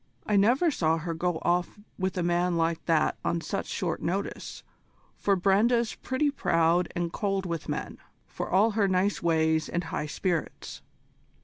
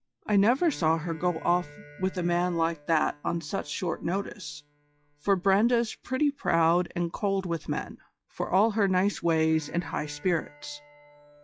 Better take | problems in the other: first | noise reduction (classical method log-MMSE)

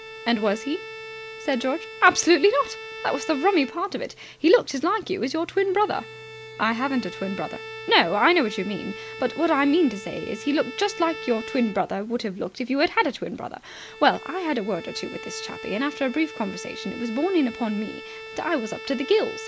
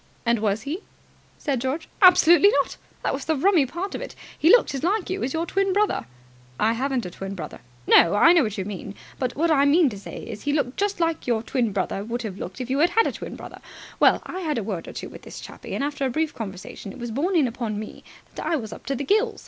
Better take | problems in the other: second | background sound (Bowed string instrument); 14 dB below the speech

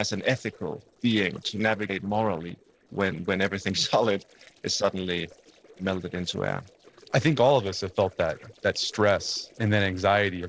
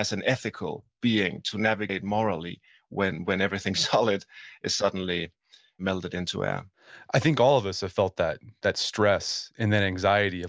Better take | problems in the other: second | noise reduction (neural separator model SepFormer DNS4)

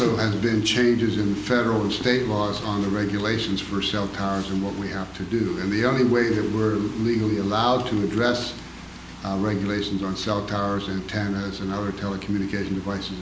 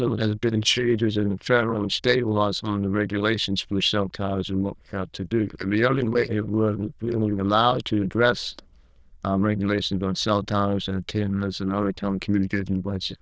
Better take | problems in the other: first | noise reduction (neural diffusion model UNIVERSE++)

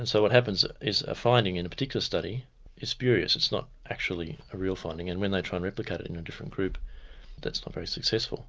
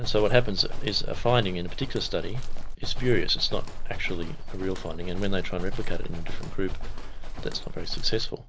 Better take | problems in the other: first | background sound (Livestock, farm animals, working animals); 3 dB above the speech

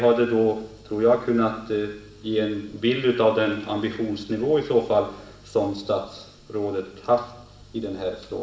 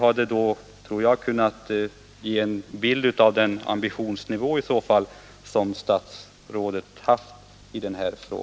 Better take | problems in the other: second | room echo; dies away in 0.8 s

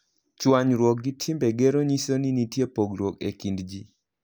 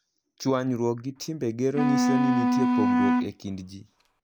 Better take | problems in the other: first | background sound (Wind instrument, woodwind instrument); 5 dB above the speech

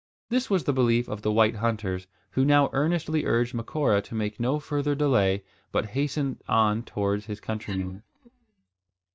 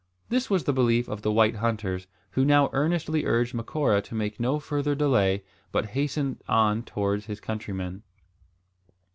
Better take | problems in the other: second | noise reduction (neural mask model DeepFilterNet 3)

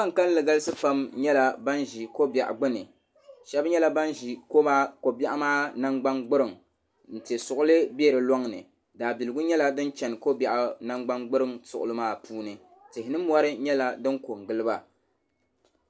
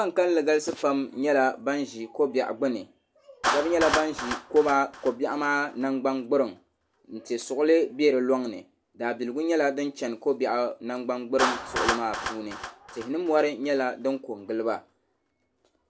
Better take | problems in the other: first | background sound (Clapping); 10 dB below the speech

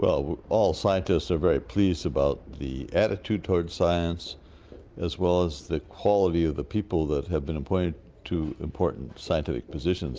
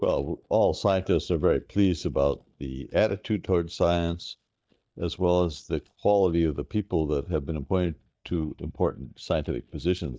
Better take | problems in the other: first | noise reduction (neural mask model DeepFilterNet 3)

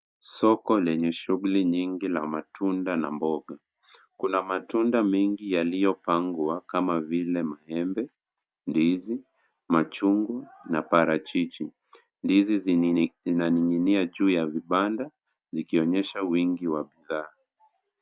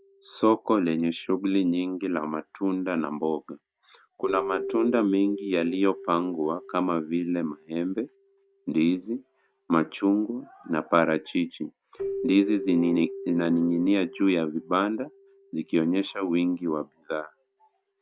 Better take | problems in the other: first | background sound (Keyboard (musical)); 14 dB below the speech

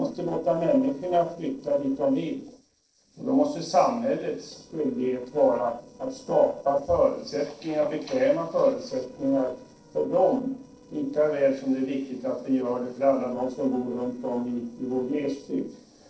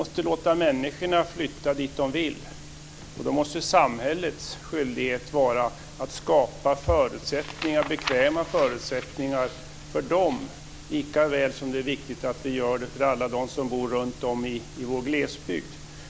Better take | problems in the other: second | noise reduction (neural separator model SepFormer DNS4)

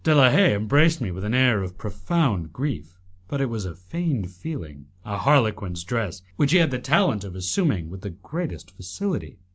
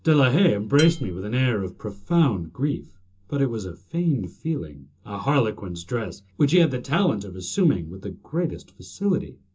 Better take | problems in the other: first | background sound (Dishes, pots, and pans); 14 dB below the speech // room echo; dies away in 0.2 s

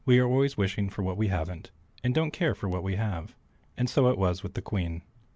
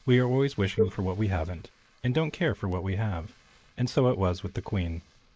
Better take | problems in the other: first | noise reduction (neural mask model Resemble Enhance denoiser)

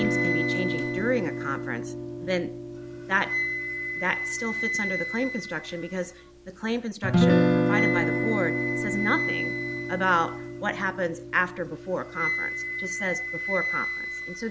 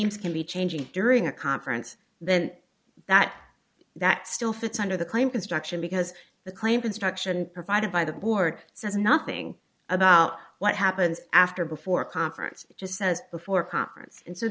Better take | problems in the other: second | background sound (Wind instrument, woodwind instrument + Guitar); 2 dB above the speech

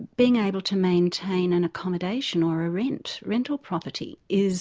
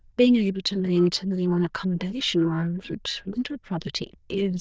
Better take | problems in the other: first | noise reduction (neural diffusion model UNIVERSE++)

